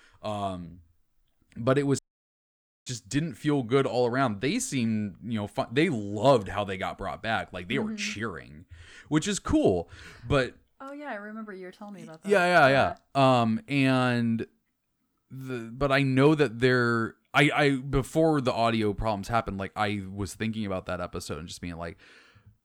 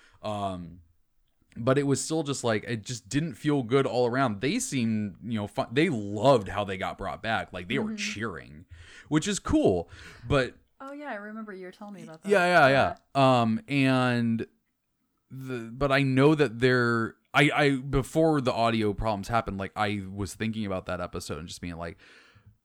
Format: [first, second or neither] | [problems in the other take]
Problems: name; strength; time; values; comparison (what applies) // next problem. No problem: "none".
second | audio cutting out; at 2 s for 1 s